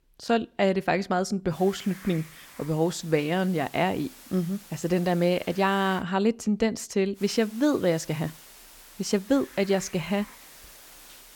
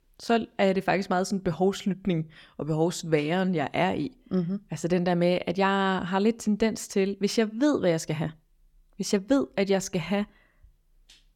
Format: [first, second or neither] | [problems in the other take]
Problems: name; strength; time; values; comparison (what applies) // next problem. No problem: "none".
second | hiss; noticeable; from 1.5 to 6 s and from 7 s on; 20 dB below the speech